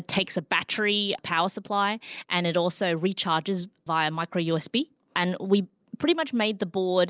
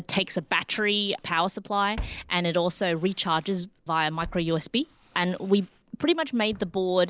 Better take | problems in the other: first | background sound (Walk, footsteps); 19 dB below the speech

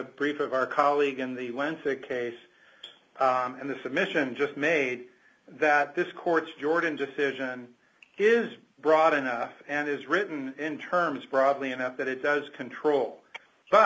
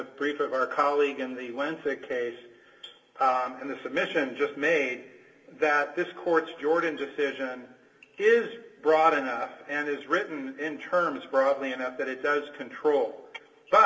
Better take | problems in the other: first | room echo; dies away in 1.6 s

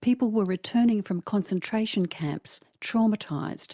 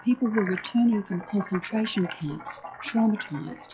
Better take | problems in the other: first | noise reduction (classical method log-MMSE)

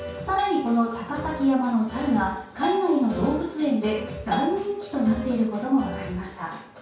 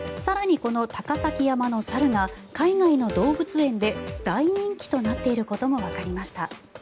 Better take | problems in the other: second | background sound (Bell); 10 dB below the speech // room echo; dies away in 0.5 s

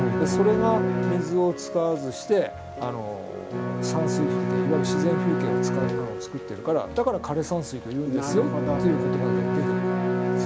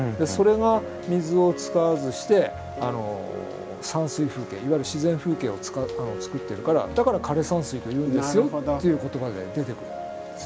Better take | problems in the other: second | background sound (Bowed string instrument); as loud as the speech

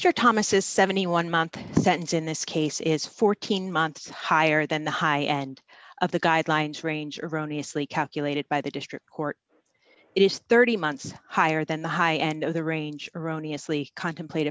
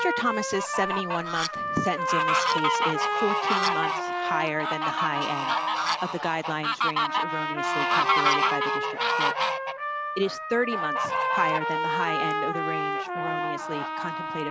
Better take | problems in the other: first | background sound (Fowl + Trumpet); 5 dB above the speech

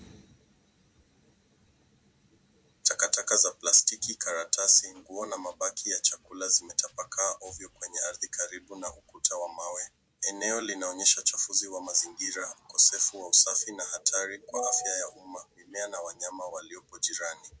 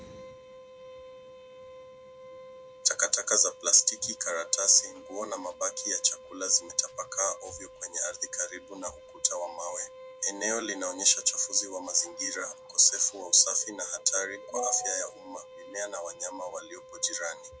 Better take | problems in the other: first | background sound (Bowed string instrument); 18 dB below the speech

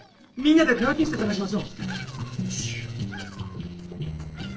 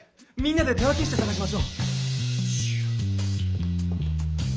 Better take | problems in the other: second | noise reduction (neural separator model SepFormer DNS4)

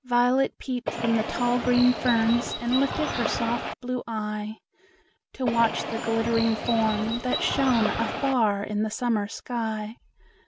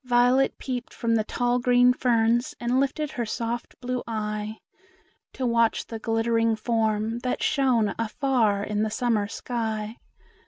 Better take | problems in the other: second | background sound (Bird); 5 dB below the speech

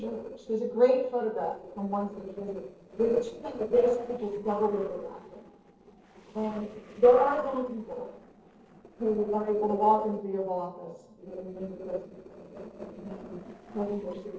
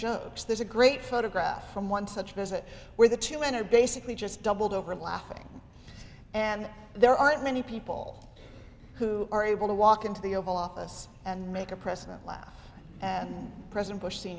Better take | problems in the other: second | noise reduction (neural separator model SepFormer DNS4)

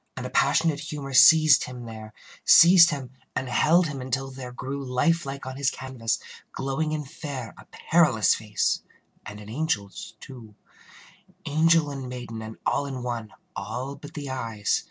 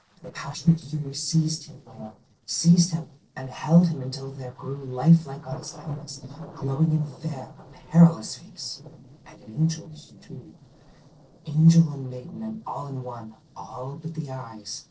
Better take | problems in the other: first | noise reduction (neural separator model SepFormer DNS4)

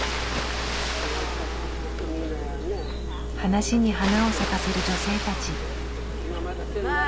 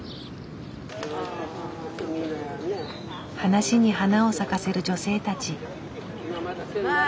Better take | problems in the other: second | background sound (Engine + Water); 1 dB below the speech

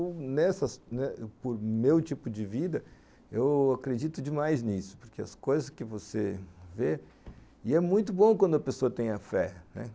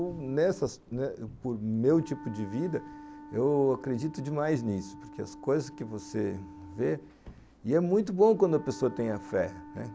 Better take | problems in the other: first | background sound (Cupboard open or close + Wind instrument, woodwind instrument); 17 dB below the speech

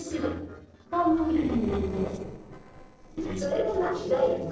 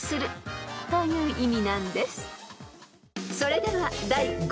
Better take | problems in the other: second | noise reduction (neural separator model SepFormer DNS4)

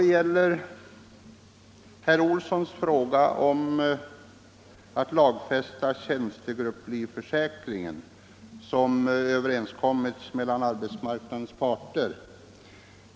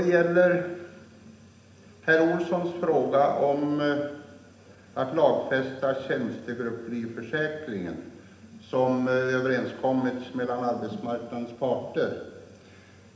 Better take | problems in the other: first | room echo; dies away in 0.8 s

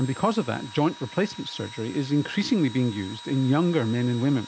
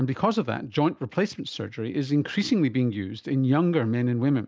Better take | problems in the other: second | background sound (Engine / Drill); 18 dB below the speech

